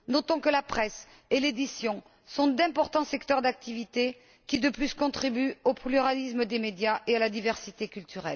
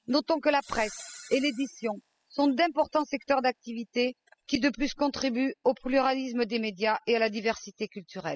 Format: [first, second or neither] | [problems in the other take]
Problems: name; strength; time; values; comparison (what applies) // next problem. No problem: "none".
first | noise reduction (classical method spectral subtraction)